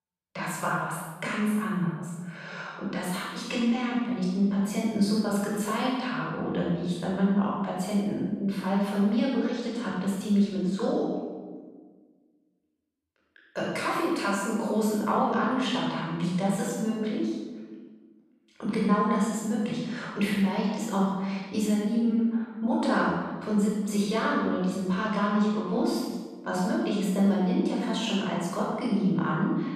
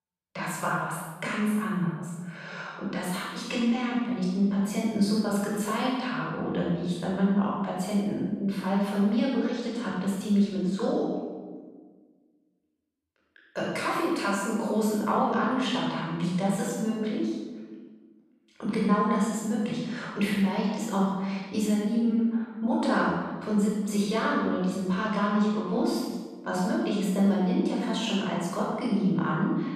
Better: neither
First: room echo; strong; dies away in 1.2 s // off-mic speech; far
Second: room echo; strong; dies away in 1.2 s // off-mic speech; far

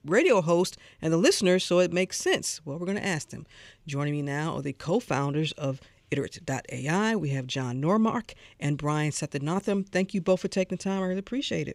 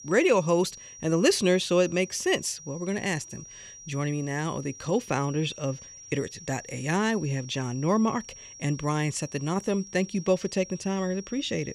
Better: first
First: none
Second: high-pitched whine; noticeable; throughout; 5.5 kHz, 15 dB below the speech

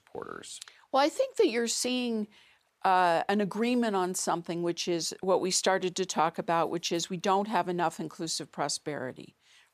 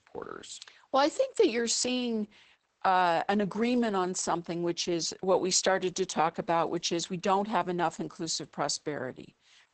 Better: first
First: none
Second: garbled, watery; badly; nothing above 8 kHz

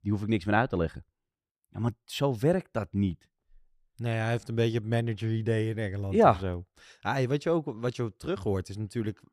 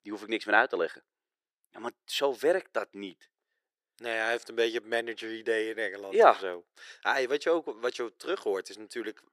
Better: first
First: none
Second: thin; very; fading below 400 Hz

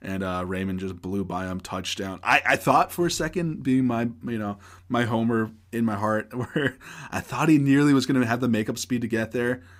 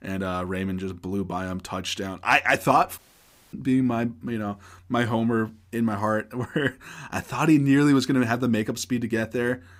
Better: first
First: none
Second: audio cutting out; at 3 s for 0.5 s

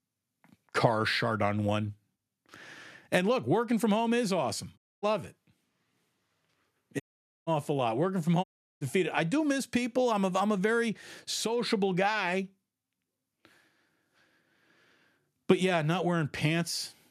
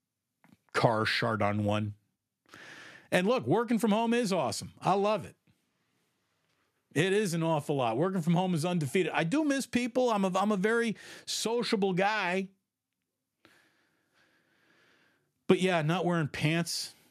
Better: second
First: audio cutting out; at 5 s, at 7 s and at 8.5 s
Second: none

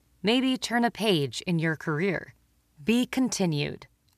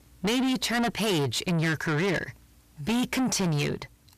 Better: first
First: none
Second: distortion; heavy; 5 dB below the speech

